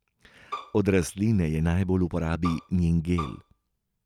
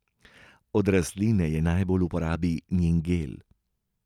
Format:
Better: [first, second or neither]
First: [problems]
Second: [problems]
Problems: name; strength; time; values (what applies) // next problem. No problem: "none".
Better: second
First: background sound (Bowed string instrument); 14 dB below the speech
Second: none